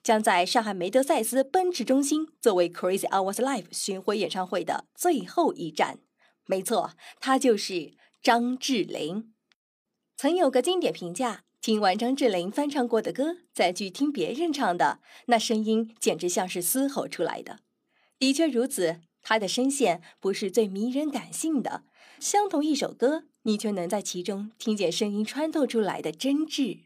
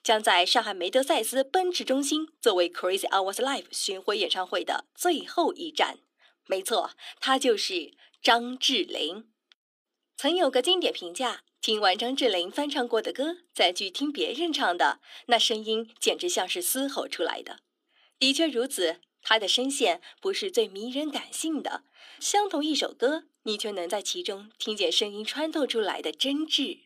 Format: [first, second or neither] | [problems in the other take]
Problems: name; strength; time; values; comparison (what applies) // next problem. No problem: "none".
first | thin; very slightly; fading below 300 Hz